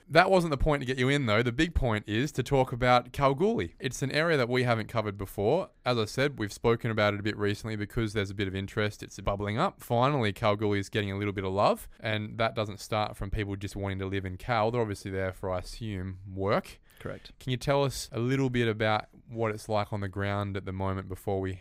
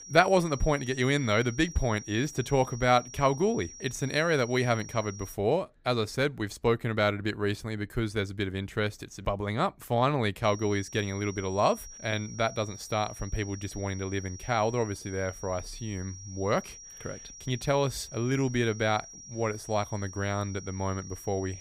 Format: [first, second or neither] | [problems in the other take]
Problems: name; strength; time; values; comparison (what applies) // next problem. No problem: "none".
first | high-pitched whine; noticeable; until 5.5 s and from 10 s on; 5.5 kHz, 15 dB below the speech